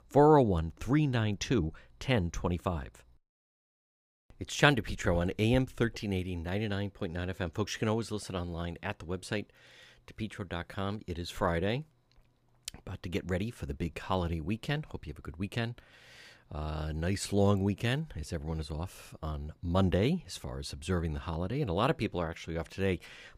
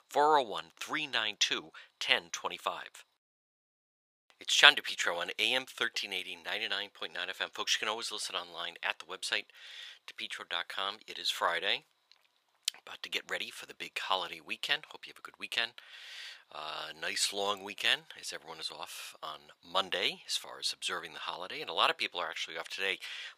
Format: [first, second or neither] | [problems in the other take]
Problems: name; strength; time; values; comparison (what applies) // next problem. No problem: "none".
first | thin; very; fading below 950 Hz